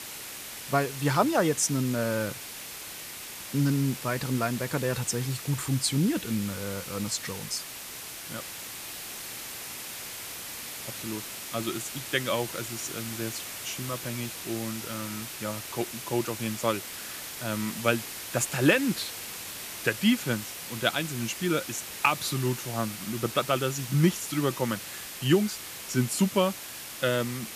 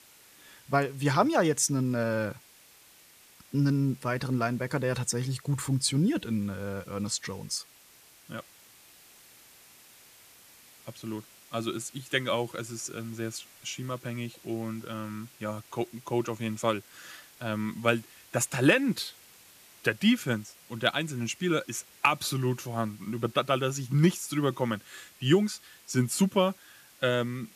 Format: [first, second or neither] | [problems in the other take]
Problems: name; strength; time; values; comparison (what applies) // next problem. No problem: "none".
second | hiss; loud; throughout; 8 dB below the speech; faint in the second